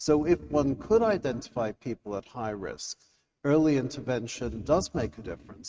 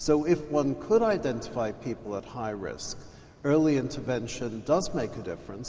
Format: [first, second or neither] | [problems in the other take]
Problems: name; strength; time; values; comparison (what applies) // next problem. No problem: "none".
second | noise reduction (neural mask model RNNoise)